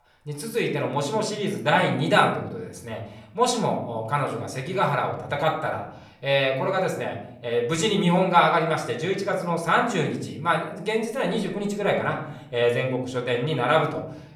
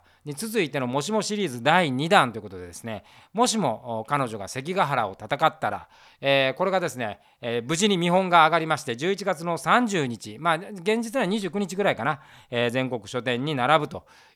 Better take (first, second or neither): second